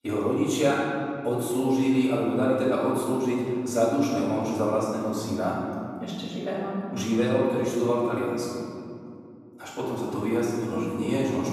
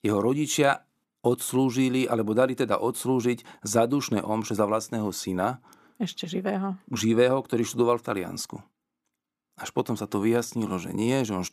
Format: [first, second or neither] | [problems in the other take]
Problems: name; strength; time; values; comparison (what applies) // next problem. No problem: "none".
second | off-mic speech; far // room echo; strong; dies away in 2.4 s